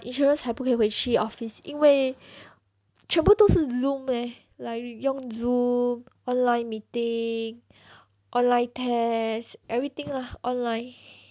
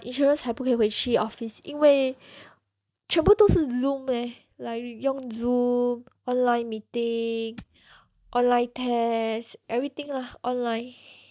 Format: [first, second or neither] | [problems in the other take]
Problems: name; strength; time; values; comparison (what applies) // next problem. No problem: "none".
first | noise reduction (neural mask model DeepFilterNet 3)